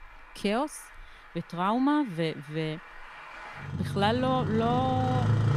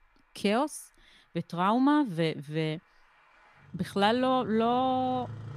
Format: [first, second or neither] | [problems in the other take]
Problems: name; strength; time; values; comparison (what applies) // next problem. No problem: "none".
second | traffic noise; loud; throughout; 3 dB below the speech; faint in the second